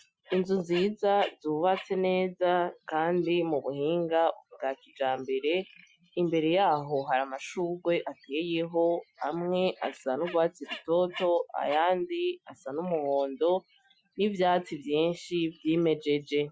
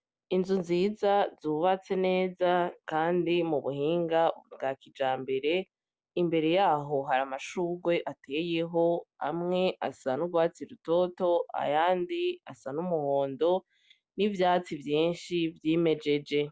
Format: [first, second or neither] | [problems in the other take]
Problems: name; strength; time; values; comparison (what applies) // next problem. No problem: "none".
second | noise reduction (classical method Wiener filter)